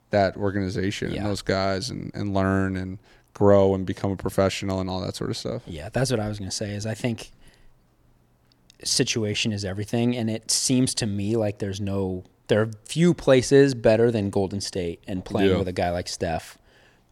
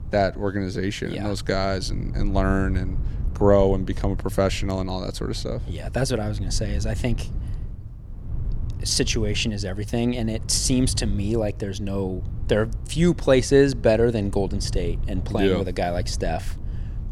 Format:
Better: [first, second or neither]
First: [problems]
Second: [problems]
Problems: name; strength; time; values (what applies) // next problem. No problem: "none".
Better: first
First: none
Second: low rumble; faint; throughout; 20 dB below the speech